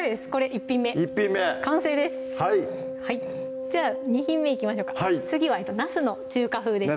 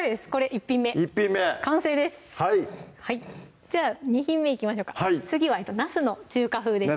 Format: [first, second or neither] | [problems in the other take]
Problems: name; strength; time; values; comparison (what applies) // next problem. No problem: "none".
second | background sound (Wind instrument, woodwind instrument); 8 dB below the speech